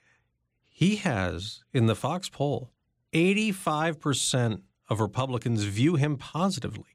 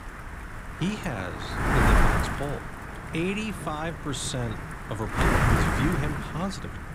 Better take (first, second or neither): first